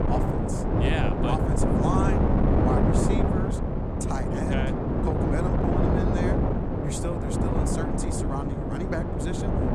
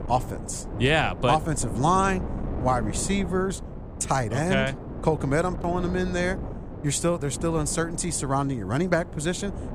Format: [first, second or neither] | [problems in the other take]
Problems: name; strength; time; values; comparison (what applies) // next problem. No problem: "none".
second | wind noise on the microphone; heavy; 5 dB above the speech; occasional gusts in the second